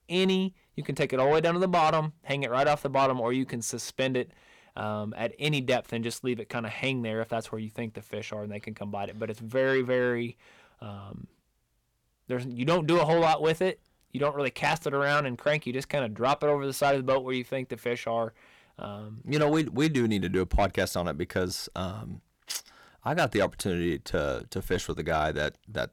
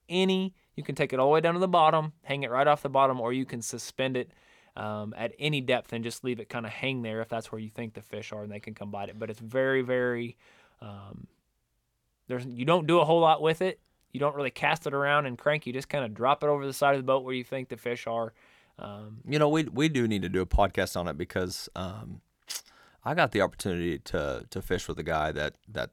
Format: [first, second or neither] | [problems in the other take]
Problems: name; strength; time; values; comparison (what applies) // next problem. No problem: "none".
second | distortion; slight; 10 dB below the speech